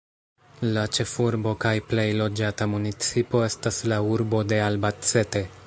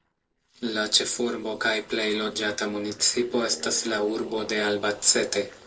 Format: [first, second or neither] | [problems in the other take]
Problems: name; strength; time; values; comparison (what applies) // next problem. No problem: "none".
first | noise reduction (neural separator model SepFormer DNS4)